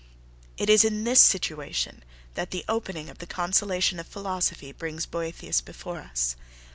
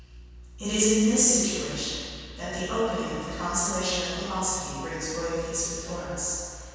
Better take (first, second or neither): first